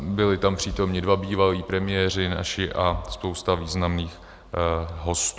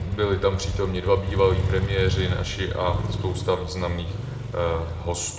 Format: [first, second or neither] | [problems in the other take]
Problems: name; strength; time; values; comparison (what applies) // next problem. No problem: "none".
first | background sound (Motorcycle); 3 dB below the speech // room echo; dies away in 0.7 s